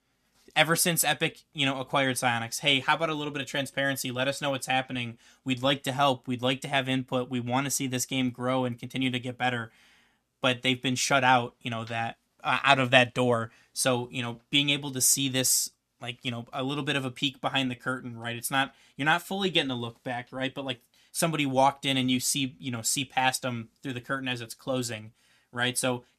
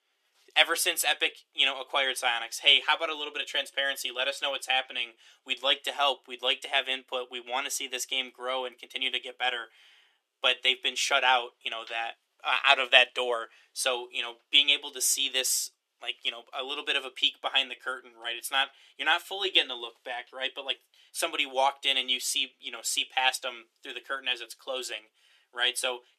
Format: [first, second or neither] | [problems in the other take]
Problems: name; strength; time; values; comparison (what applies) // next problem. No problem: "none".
first | thin; very; fading below 350 Hz